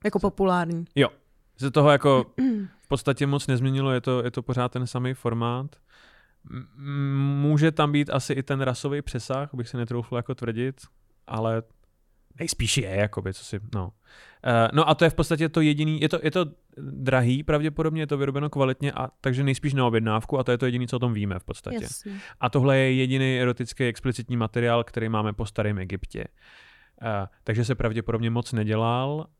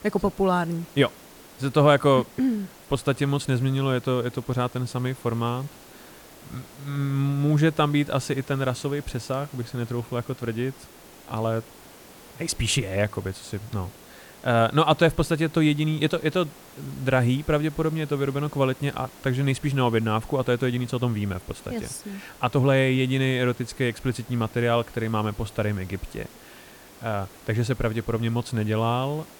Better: first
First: none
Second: hiss; faint; throughout; 20 dB below the speech

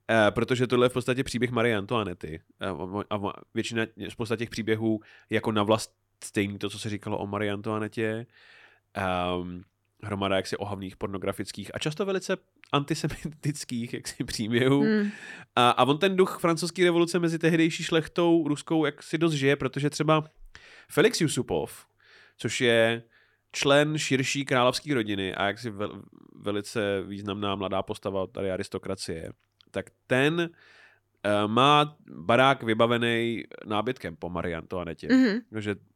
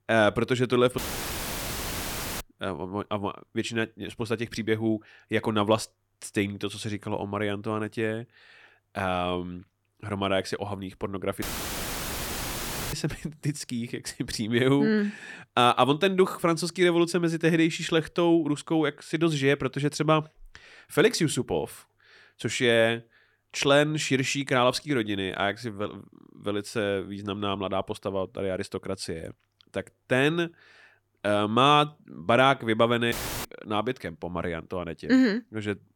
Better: first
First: none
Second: audio cutting out; filled with static; at 1 s for 1.5 s, at 11 s for 1.5 s and at 33 s

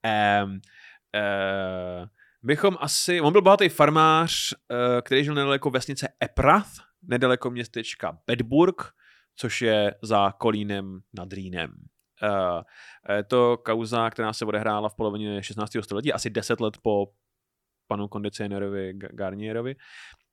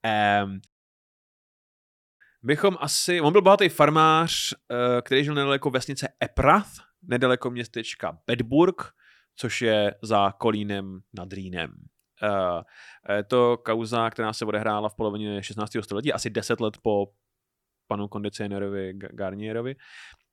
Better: first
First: none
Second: audio cutting out; at 0.5 s for 1.5 s

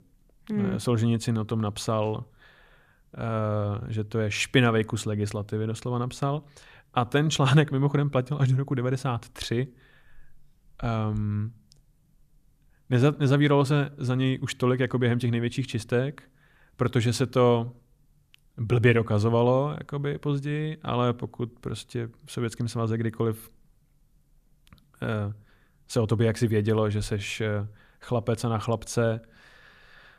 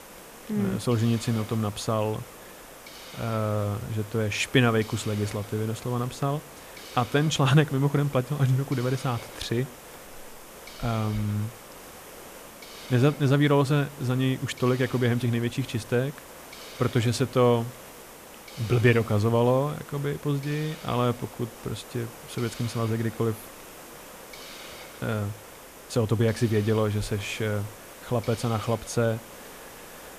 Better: first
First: none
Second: hiss; noticeable; throughout; 15 dB below the speech

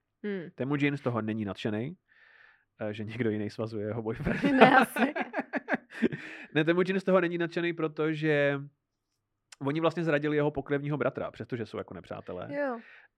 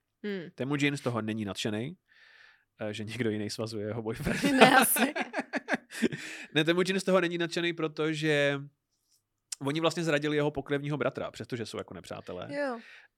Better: second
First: muffled; slightly; fading above 4 kHz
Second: none

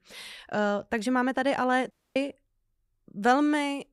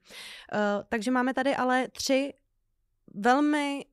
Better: second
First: audio cutting out; at 2 s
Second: none

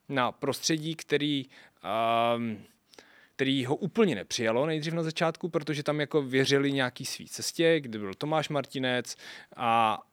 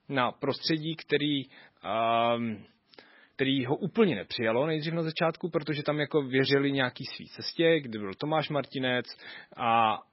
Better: first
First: none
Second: garbled, watery; badly; nothing above 5.5 kHz

